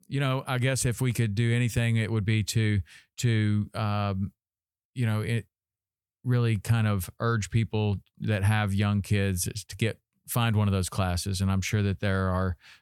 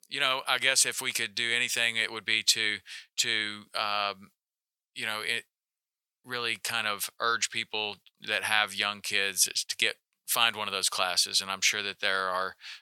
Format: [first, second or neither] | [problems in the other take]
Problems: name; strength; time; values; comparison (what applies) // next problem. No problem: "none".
first | thin; very; fading below 700 Hz